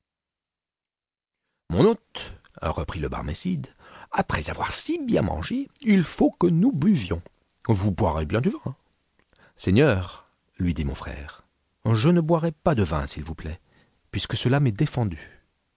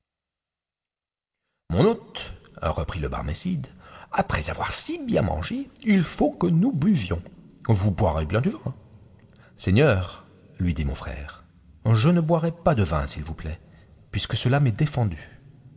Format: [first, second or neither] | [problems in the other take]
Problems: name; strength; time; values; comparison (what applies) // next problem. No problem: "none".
first | room echo; dies away in 1 s